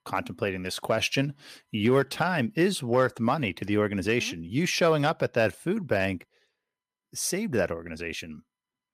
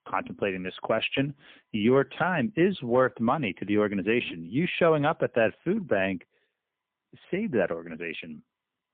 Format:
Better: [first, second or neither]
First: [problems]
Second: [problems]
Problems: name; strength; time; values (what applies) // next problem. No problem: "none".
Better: first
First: none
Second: phone-call audio; poor line